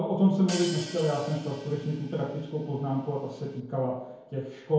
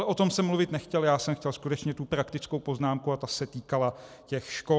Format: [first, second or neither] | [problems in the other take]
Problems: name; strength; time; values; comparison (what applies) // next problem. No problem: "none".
second | background sound (Hi-hat); 15 dB below the speech // room echo; dies away in 0.9 s